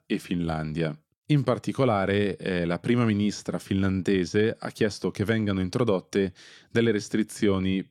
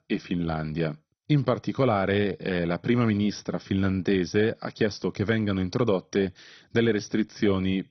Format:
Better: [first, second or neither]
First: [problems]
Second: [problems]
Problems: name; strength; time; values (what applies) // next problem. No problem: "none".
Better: first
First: none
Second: garbled, watery; badly; nothing above 6 kHz